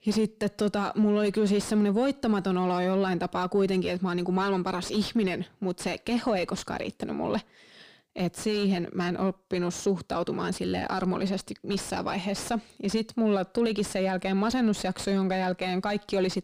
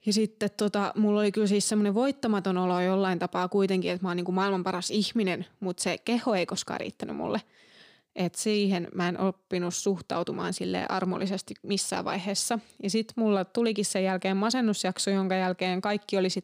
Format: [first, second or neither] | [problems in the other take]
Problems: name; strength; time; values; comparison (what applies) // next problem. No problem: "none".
second | distortion; slight; 10 dB below the speech